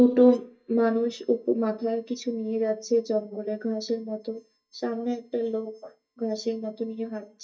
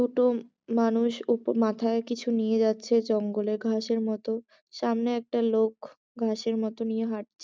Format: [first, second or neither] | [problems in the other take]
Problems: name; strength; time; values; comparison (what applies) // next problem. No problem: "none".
second | noise reduction (neural mask model DeepFilterNet 3)